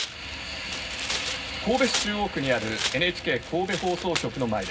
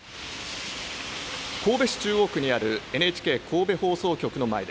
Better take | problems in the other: second | background sound (Tearing); 7 dB below the speech // room echo; dies away in 0.4 s

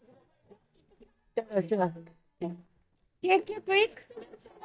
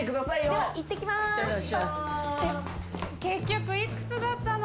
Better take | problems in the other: second | noise reduction (neural mask model DeepFilterNet 3)

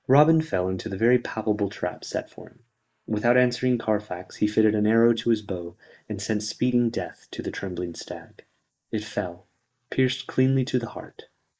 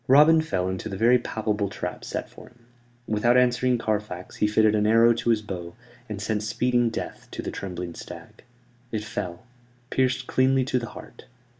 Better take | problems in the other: second | noise reduction (neural mask model Resemble Enhance denoiser)

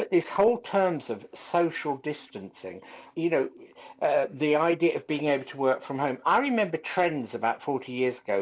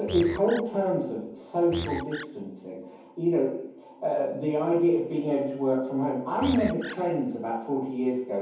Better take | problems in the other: first | background sound (Animal); 11 dB below the speech // room echo; dies away in 0.9 s

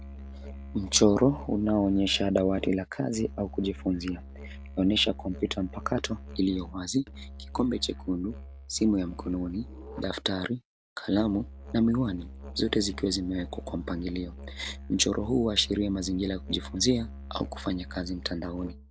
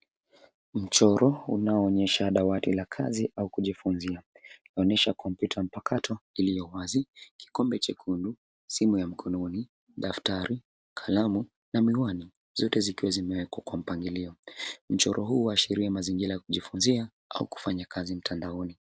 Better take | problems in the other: second | background sound (Musical instrument); 13 dB below the speech

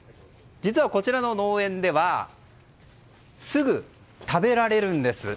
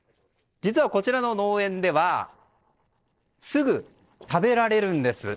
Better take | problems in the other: first | noise reduction (neural separator model SepFormer DNS4)

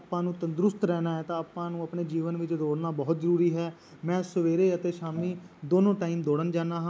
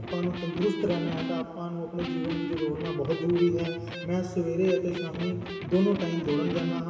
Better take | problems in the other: first | background sound (Electric guitar); 7 dB below the speech // room echo; dies away in 2.3 s

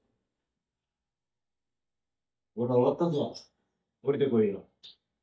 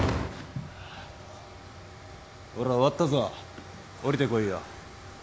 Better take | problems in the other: second | noise reduction (neural mask model DeepFilterNet 3)

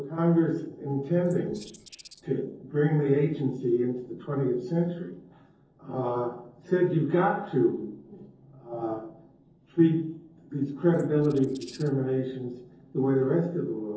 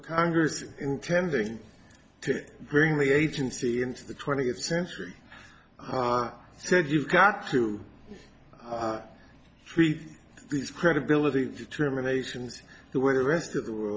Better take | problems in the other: second | noise reduction (neural separator model SepFormer DNS4)

